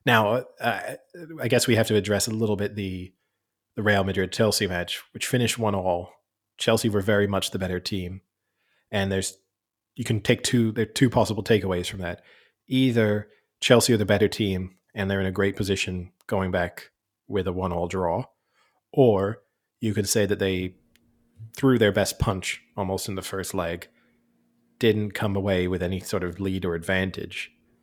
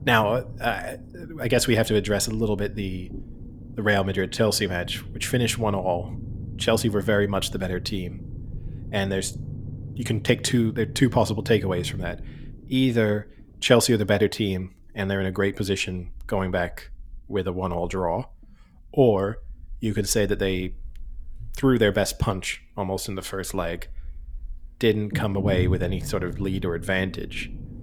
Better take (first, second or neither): first